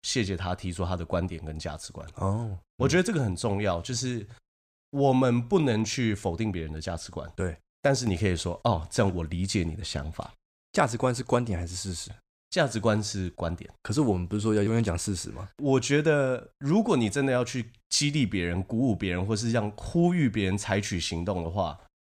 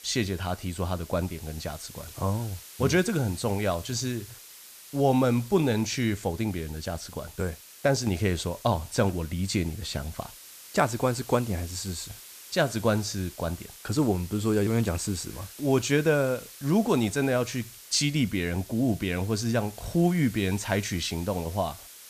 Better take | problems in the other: first | hiss; noticeable; throughout; 15 dB below the speech

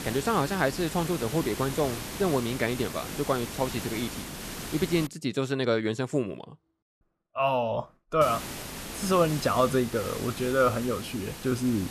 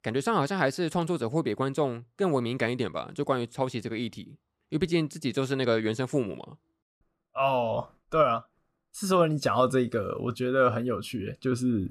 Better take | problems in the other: second | hiss; loud; until 5 s and from 8 s on; 9 dB below the speech

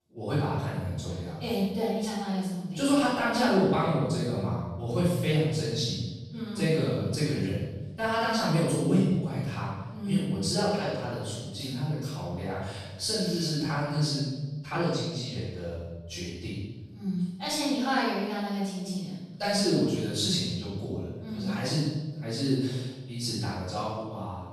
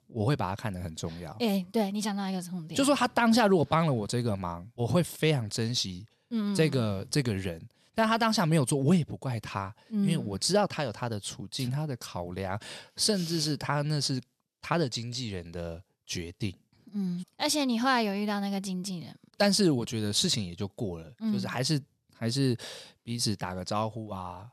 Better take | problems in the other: second | room echo; strong; dies away in 1.2 s // off-mic speech; far

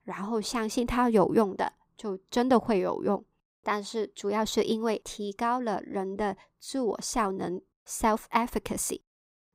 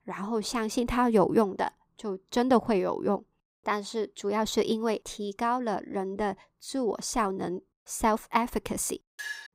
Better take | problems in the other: first | clattering dishes; noticeable; at 9 s; peak 8 dB below the speech

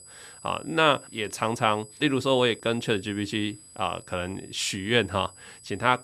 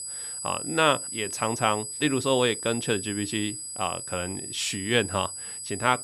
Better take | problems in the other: first | high-pitched whine; loud; throughout; 8 kHz, 6 dB below the speech; faint in the first

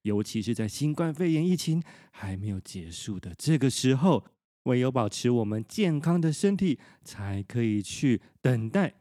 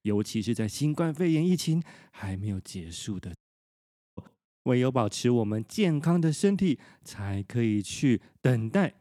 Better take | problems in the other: first | audio cutting out; at 3.5 s for 1 s

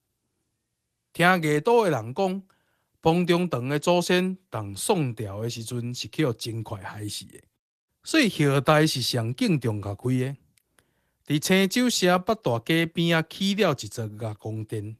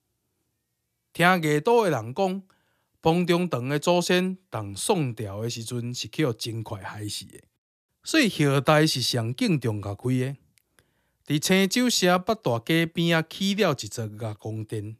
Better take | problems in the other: second | garbled, watery; slightly; nothing above 14.5 kHz

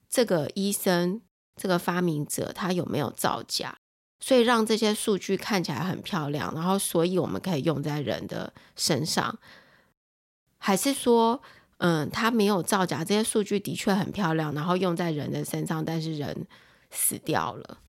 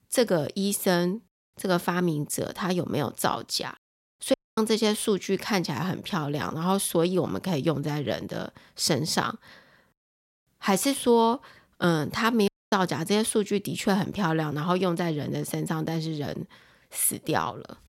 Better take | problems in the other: first | audio cutting out; at 4.5 s and at 12 s

